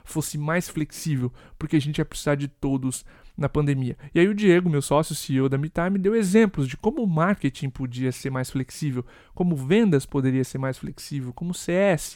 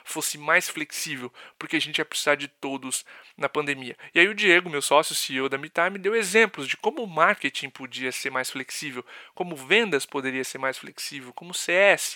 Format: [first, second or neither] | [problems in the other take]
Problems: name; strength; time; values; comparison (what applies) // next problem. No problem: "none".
first | thin; very; fading below 550 Hz